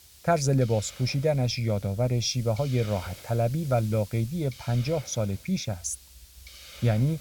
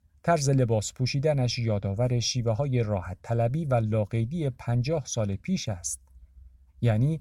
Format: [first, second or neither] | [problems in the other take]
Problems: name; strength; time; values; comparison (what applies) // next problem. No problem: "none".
second | hiss; noticeable; throughout; 20 dB below the speech